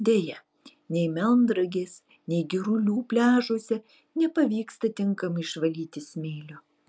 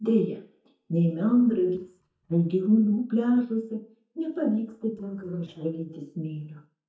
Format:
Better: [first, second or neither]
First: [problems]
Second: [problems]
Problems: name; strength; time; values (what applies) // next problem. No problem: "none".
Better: first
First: none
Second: noise reduction (neural mask model DeepFilterNet 3)